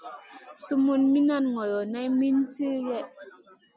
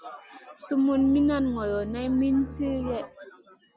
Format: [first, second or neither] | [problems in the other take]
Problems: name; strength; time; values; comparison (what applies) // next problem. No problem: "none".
first | background sound (Bowed string instrument); 14 dB below the speech